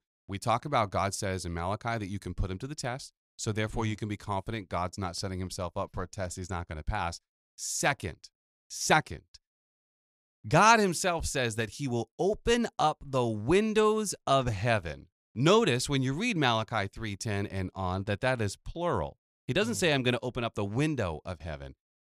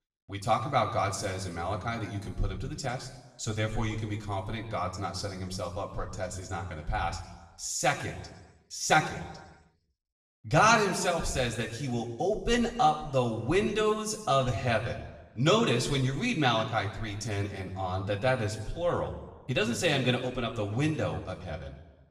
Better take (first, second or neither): first